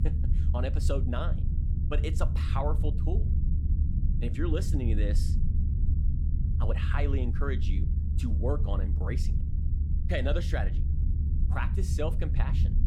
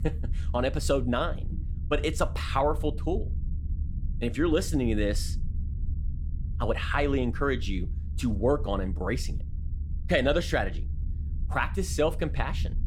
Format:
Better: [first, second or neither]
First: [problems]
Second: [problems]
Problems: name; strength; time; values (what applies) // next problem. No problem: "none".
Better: second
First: low rumble; loud; throughout; 8 dB below the speech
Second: low rumble; faint; throughout; 20 dB below the speech